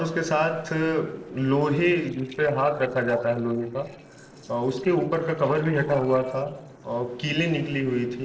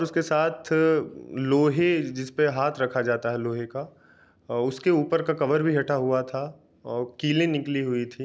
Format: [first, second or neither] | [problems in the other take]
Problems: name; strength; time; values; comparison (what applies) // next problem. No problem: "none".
second | noise reduction (neural separator model SepFormer DNS4)